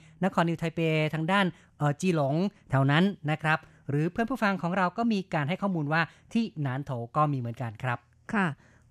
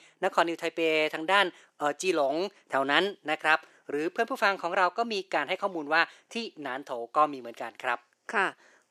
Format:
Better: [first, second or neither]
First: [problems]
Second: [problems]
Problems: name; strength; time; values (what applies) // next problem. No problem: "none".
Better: first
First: none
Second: thin; very; fading below 350 Hz